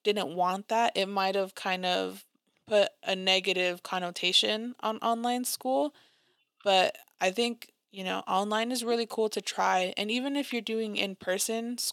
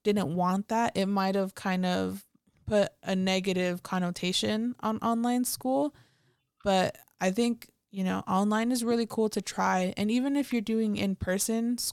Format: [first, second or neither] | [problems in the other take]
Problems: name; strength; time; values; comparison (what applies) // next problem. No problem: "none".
second | thin; somewhat; fading below 350 Hz